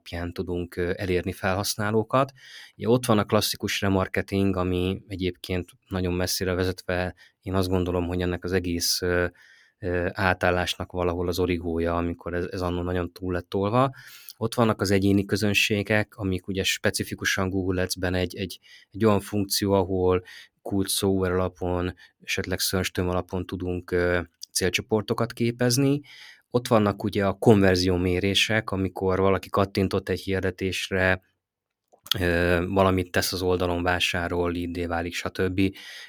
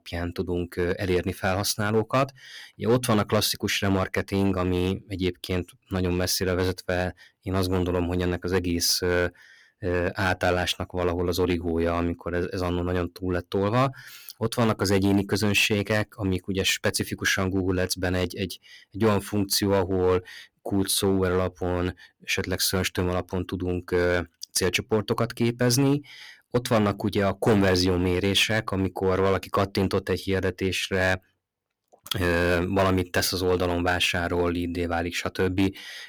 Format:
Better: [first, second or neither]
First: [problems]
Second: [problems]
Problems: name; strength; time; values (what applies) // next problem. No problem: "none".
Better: first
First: none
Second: distortion; slight; 4% of the sound clipped